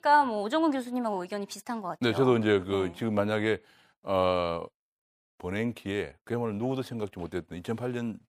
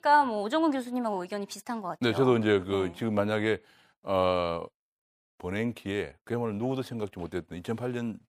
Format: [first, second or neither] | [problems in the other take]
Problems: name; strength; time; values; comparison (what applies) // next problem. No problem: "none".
neither | none